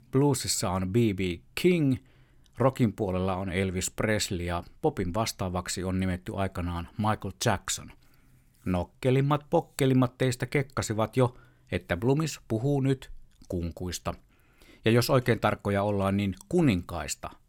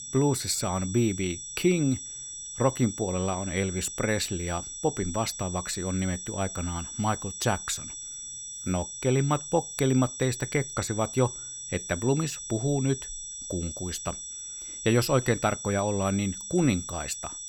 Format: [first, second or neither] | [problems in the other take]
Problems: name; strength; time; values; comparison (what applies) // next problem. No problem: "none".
first | high-pitched whine; loud; throughout; 8 kHz, 8 dB below the speech